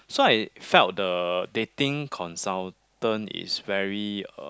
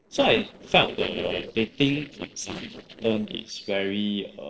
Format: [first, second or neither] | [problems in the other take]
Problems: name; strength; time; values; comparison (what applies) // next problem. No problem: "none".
first | noise reduction (neural separator model SepFormer DNS4)